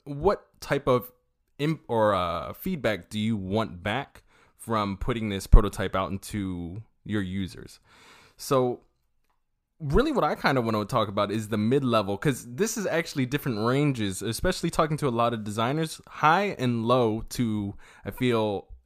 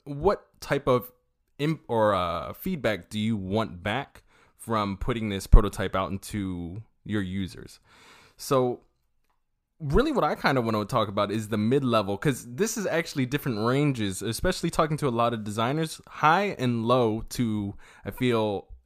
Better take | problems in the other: neither | none

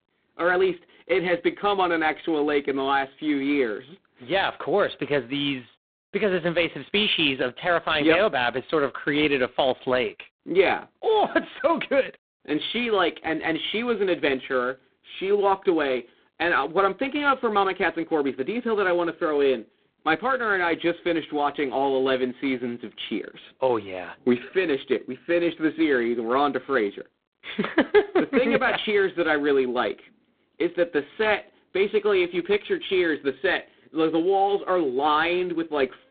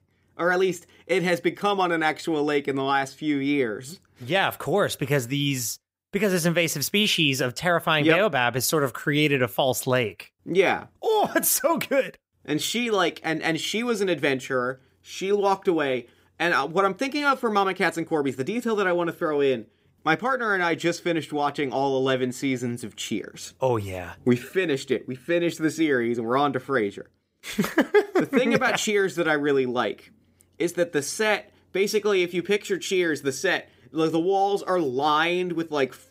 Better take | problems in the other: second | phone-call audio; poor line; nothing above 3.5 kHz

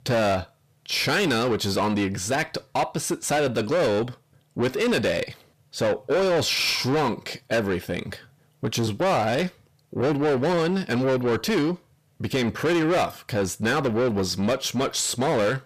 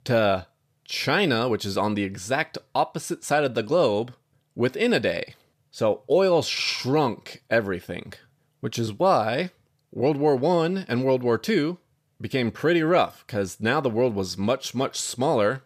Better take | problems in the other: second | distortion; heavy; 8 dB below the speech

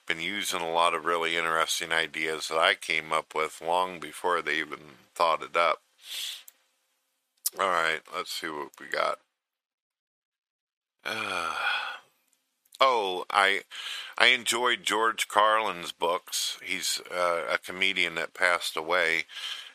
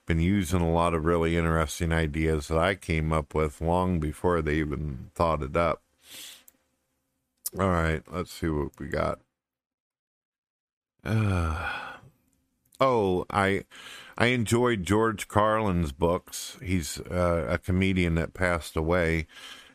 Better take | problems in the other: second | thin; very; fading below 700 Hz

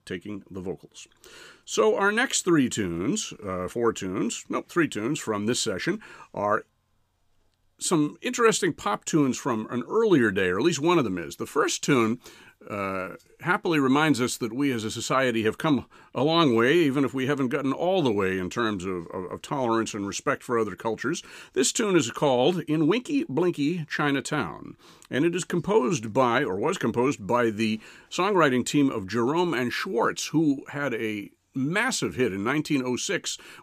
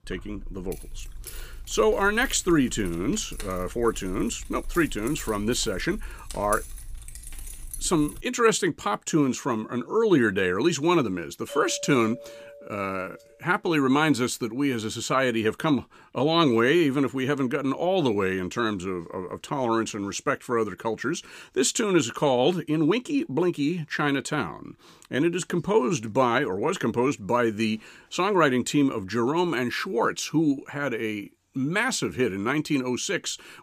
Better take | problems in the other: first | jangling keys; faint; until 8 s; peak 10 dB below the speech // doorbell; faint; from 11 to 13 s; peak 10 dB below the speech

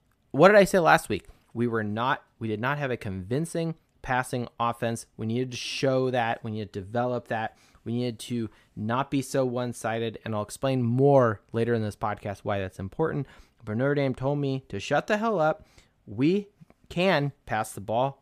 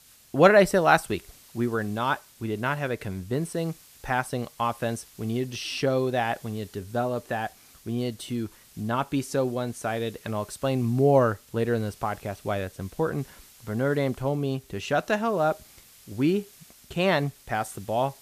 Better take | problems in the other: first | hiss; faint; throughout; 25 dB below the speech

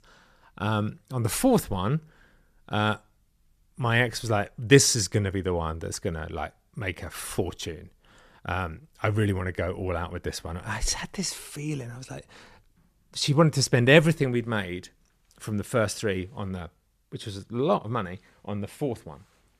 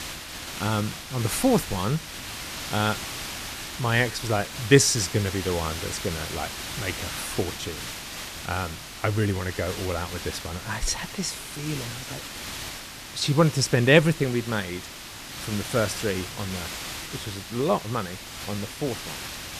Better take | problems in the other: first | hiss; loud; throughout; 8 dB below the speech

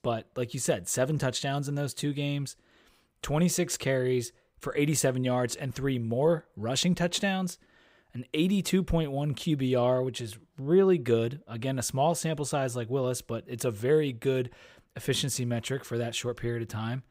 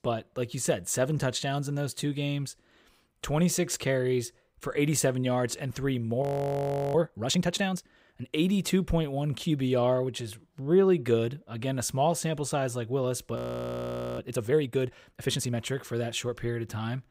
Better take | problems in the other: first | audio freezing; at 6 s for 0.5 s and at 13 s for 1 s

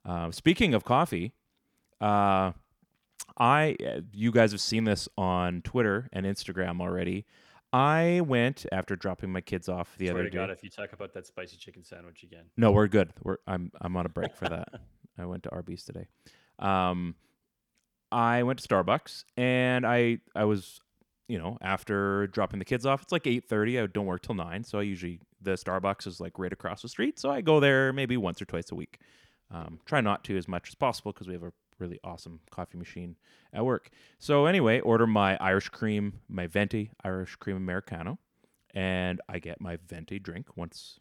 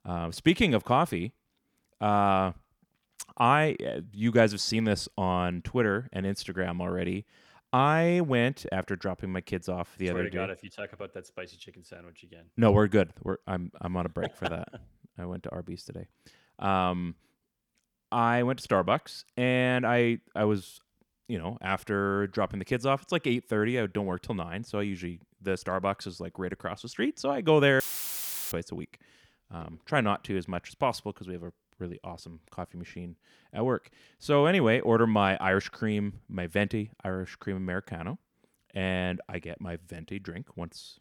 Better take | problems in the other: first | audio cutting out; filled with static; at 28 s for 0.5 s

